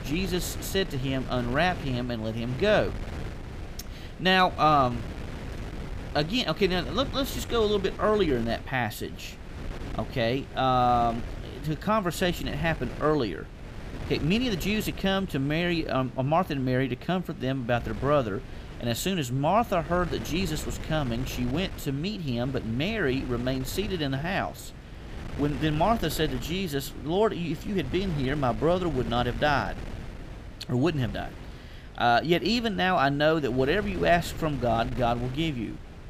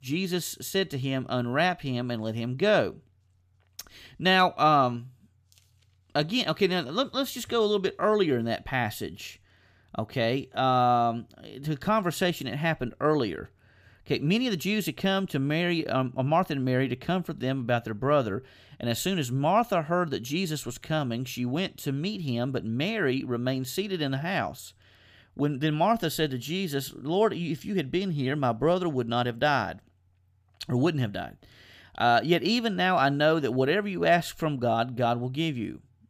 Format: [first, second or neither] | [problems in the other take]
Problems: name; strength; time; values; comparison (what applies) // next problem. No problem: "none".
second | wind noise on the microphone; occasional gusts; 15 dB below the speech